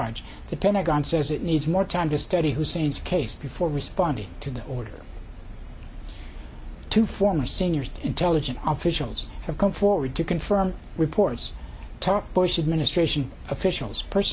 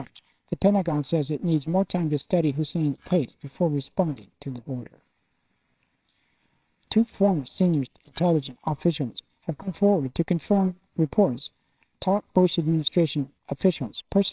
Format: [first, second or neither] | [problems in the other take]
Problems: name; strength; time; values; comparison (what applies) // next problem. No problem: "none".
first | noise reduction (neural separator model SepFormer WHAMR!)